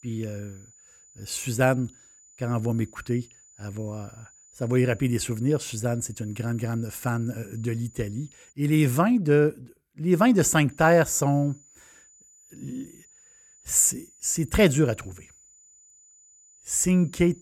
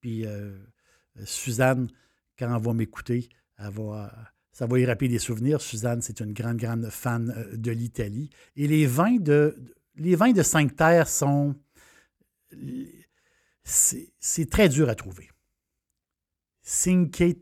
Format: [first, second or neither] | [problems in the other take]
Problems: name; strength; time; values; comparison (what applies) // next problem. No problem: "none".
second | high-pitched whine; faint; until 8.5 s and from 11 s on; 7 kHz, 30 dB below the speech